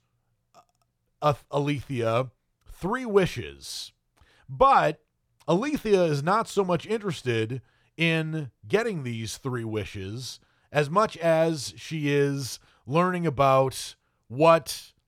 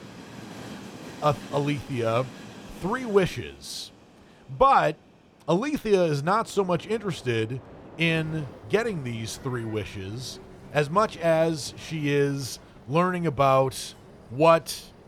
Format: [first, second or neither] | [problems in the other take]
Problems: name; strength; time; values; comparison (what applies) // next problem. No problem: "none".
first | train or aircraft noise; noticeable; throughout; 20 dB below the speech